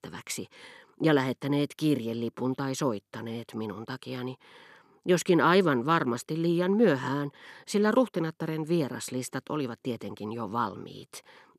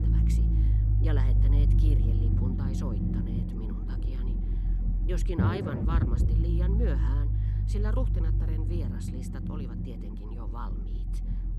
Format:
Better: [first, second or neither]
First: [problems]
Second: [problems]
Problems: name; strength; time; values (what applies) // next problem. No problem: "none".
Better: first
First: none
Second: low rumble; loud; throughout; 1 dB below the speech